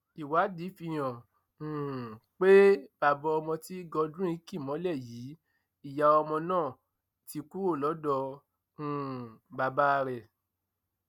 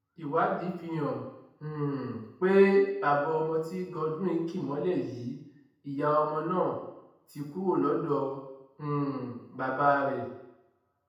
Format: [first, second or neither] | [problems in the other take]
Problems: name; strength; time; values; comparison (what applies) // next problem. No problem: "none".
first | room echo; dies away in 0.8 s